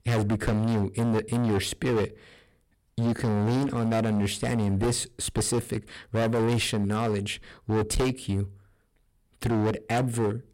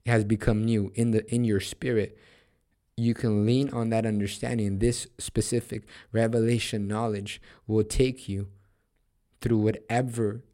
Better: second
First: distortion; heavy; 19% of the sound clipped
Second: none

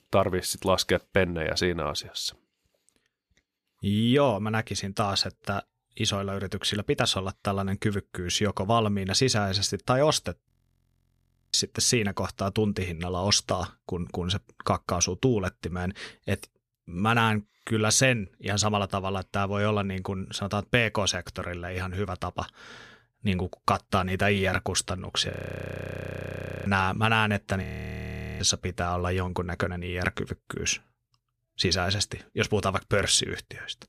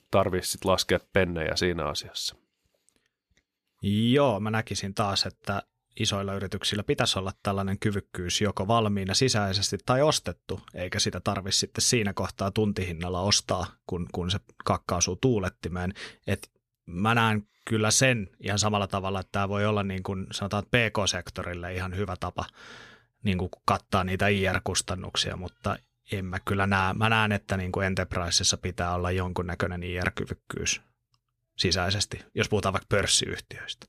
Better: second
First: audio freezing; at 10 s for 1 s, at 25 s for 1.5 s and at 28 s for 1 s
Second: none

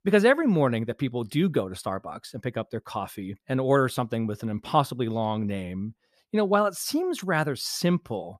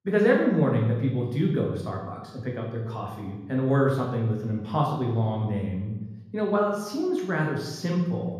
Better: first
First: none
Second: room echo; noticeable; dies away in 1.1 s // off-mic speech; far

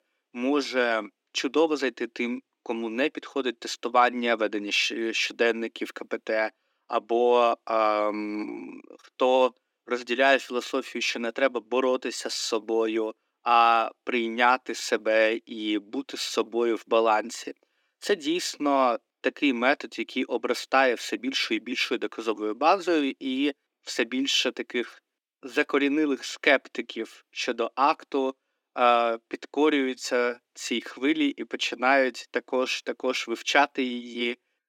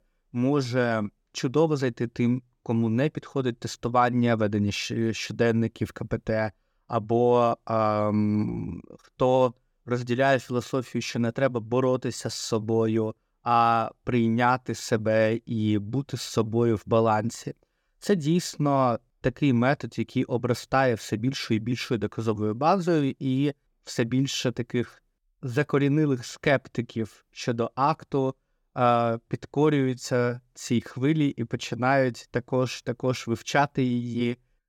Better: second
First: thin; very slightly; fading below 300 Hz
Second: none

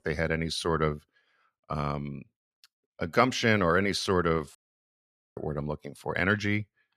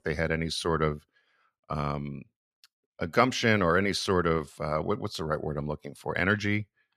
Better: second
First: audio cutting out; at 4.5 s for 1 s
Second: none

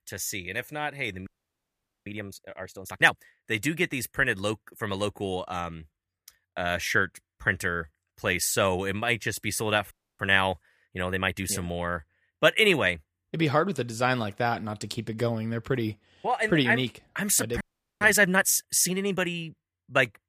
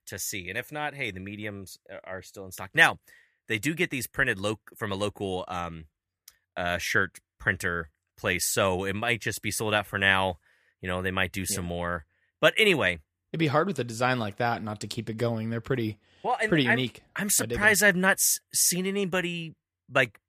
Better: second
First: audio freezing; at 1.5 s for 1 s, at 10 s and at 18 s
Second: none

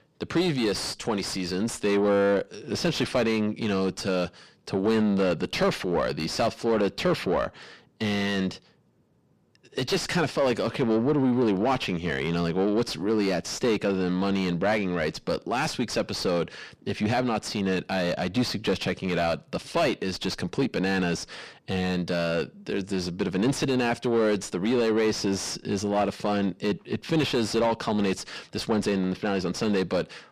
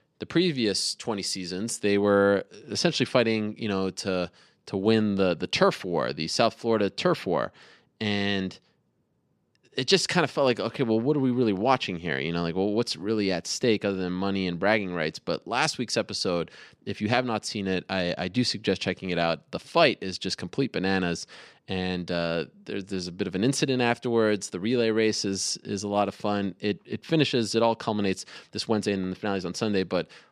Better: second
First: distortion; heavy; 7 dB below the speech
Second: none

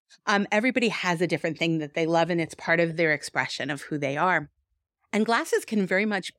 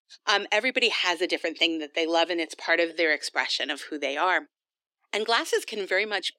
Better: first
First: none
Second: thin; somewhat; fading below 300 Hz

